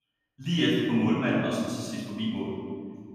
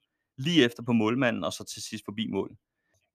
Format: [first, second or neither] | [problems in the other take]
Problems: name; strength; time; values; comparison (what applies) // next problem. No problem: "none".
second | off-mic speech; far // room echo; strong; dies away in 2.1 s